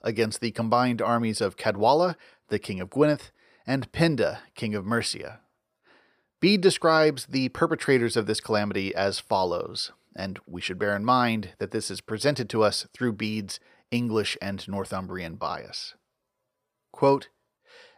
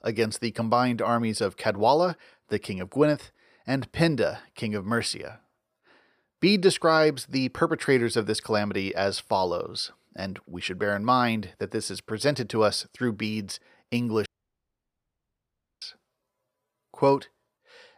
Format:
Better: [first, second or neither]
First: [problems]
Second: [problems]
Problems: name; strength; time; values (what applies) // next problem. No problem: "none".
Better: first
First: none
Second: audio cutting out; at 14 s for 1.5 s